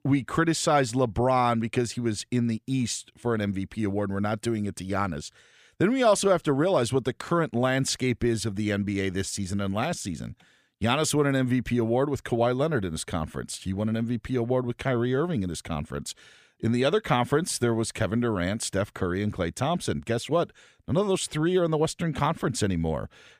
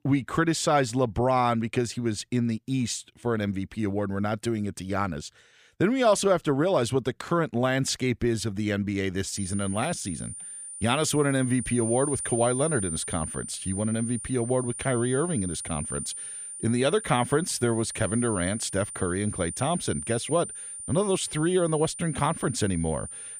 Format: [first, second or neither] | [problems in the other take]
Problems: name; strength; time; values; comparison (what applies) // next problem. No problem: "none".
first | high-pitched whine; loud; from 9.5 s on; 9 kHz, 7 dB below the speech